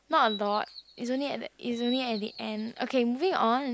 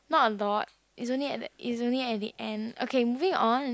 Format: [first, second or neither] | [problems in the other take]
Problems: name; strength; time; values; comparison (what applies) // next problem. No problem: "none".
second | background sound (Bird vocalization, bird call, bird song); 16 dB below the speech